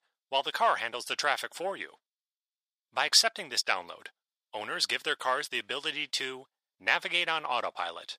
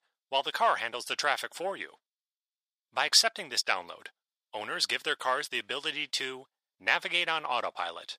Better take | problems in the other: neither | thin; very; fading below 850 Hz; the same in both

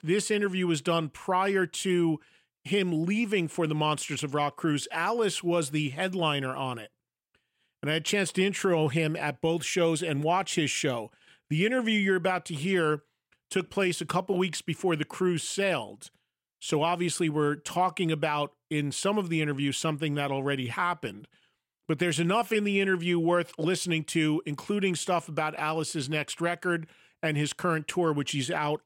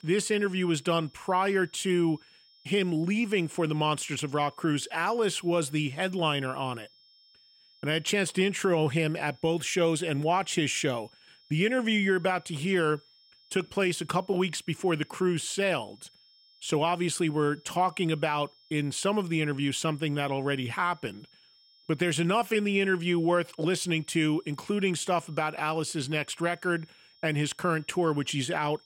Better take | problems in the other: first | high-pitched whine; faint; throughout; 5.5 kHz, 30 dB below the speech

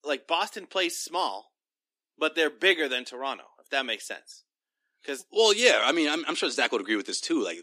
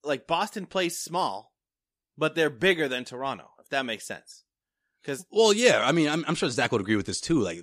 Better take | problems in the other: second | thin; very slightly; fading below 250 Hz

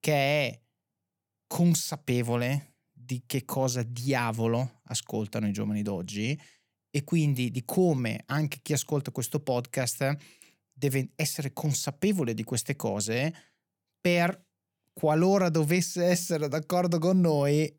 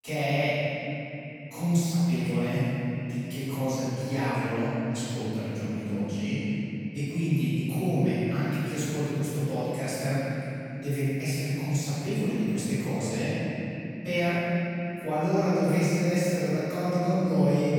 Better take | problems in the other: first | room echo; strong; dies away in 3 s // off-mic speech; far

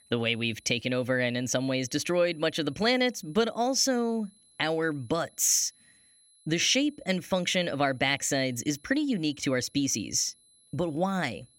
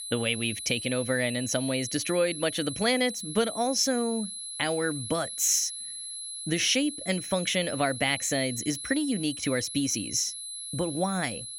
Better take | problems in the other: first | high-pitched whine; loud; throughout; 11 kHz, 7 dB below the speech; faint in the first

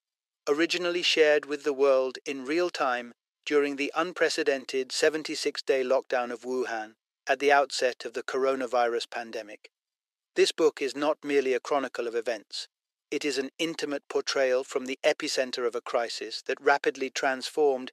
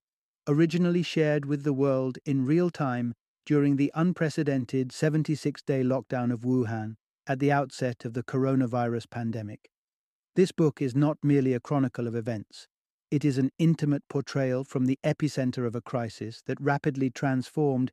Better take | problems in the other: second | thin; very; fading below 450 Hz

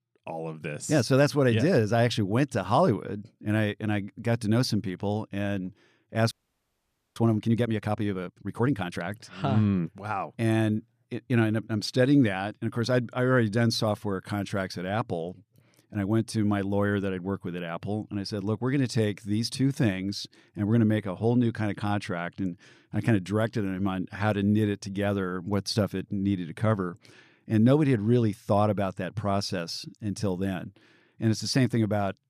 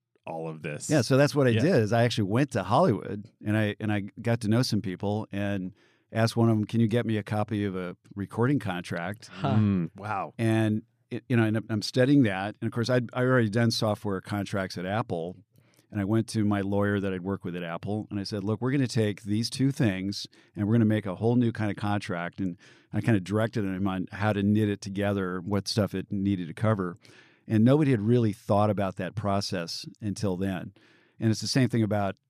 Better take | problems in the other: second | audio freezing; at 6.5 s for 1 s

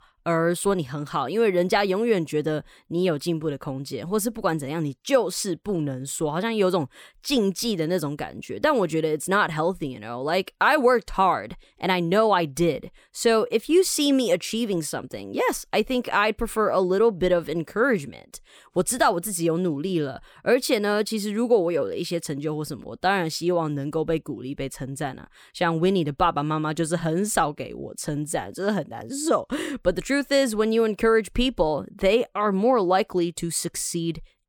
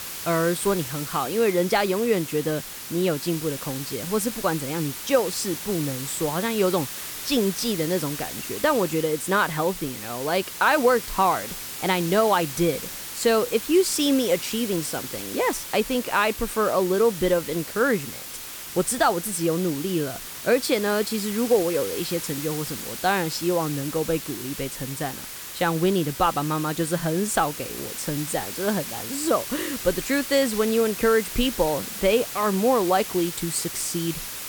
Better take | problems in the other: first | hiss; loud; throughout; 8 dB below the speech

